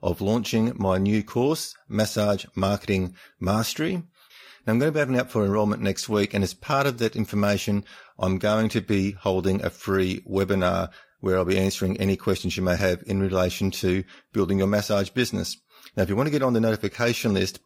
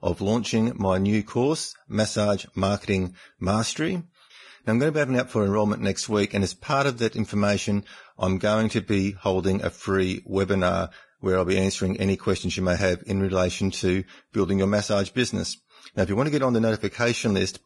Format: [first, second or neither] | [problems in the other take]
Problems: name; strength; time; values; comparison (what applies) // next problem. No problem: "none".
first | garbled, watery; badly; nothing above 10 kHz; slightly in the first